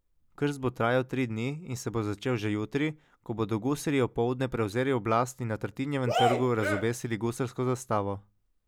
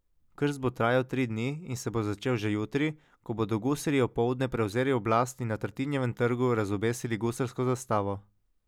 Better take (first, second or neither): second